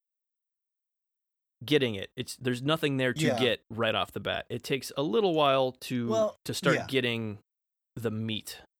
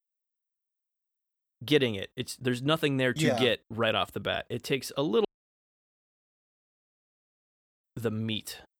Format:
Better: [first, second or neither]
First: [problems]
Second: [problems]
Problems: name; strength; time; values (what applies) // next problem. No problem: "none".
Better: first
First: none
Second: audio cutting out; at 5.5 s for 2.5 s